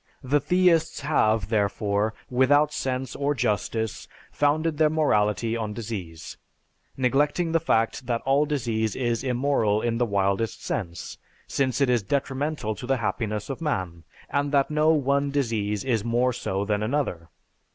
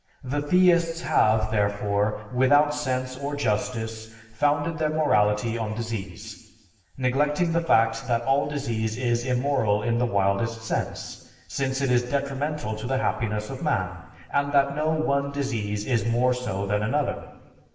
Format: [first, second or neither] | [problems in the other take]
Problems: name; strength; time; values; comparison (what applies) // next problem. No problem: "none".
first | room echo; dies away in 1.2 s